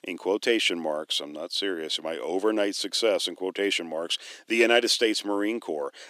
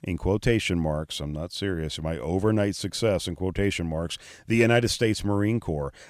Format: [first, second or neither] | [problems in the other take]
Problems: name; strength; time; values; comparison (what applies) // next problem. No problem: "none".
second | thin; somewhat; fading below 300 Hz